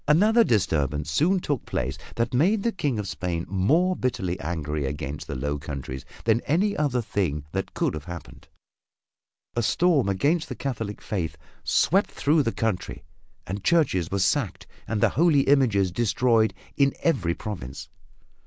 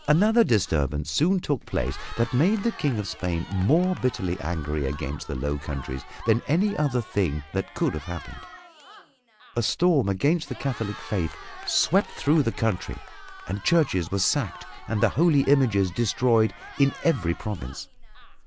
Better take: first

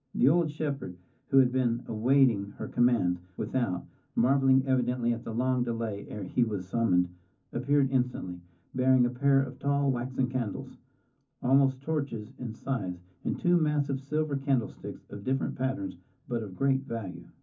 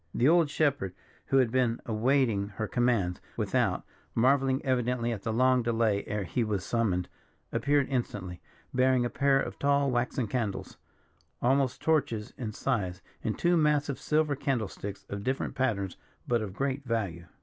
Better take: second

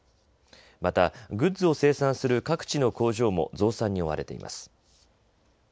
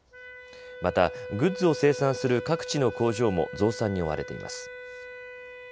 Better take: first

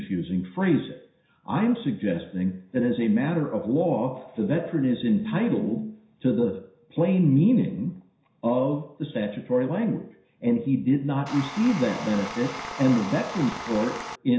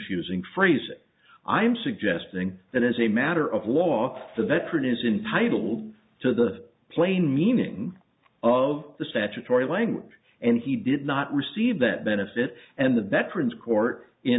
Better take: second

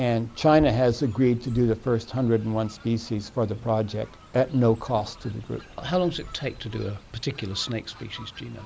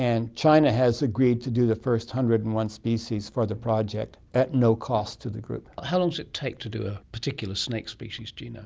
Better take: second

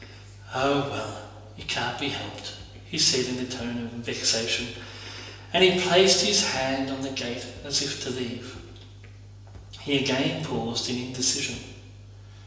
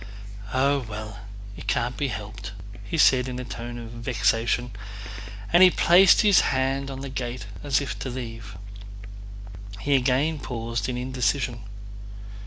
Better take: second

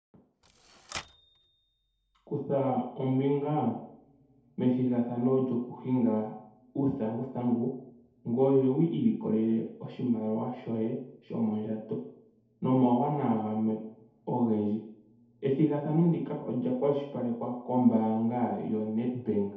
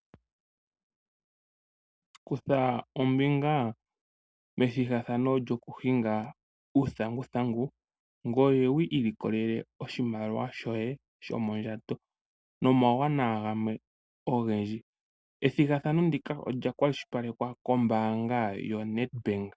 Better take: second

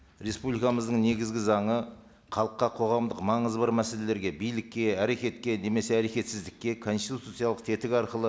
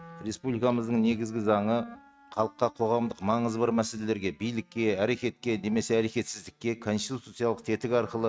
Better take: first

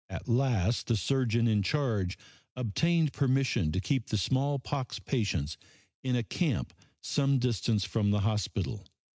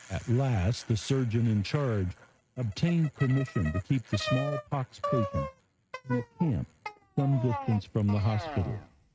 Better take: first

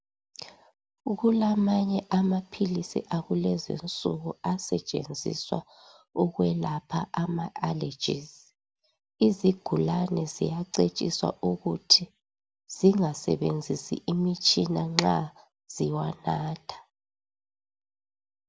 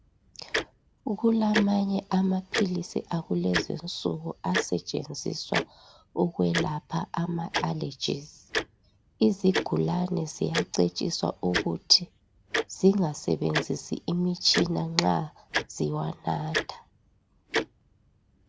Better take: first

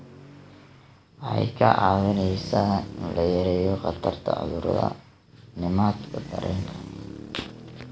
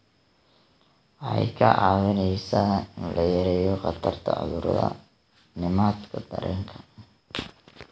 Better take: second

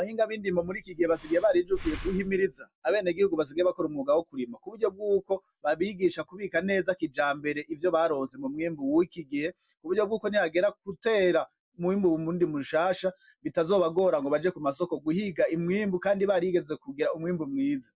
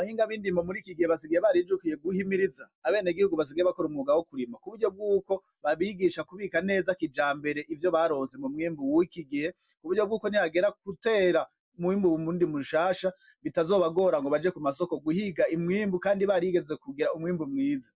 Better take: second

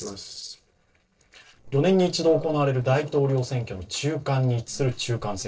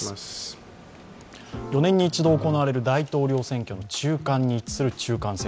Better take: second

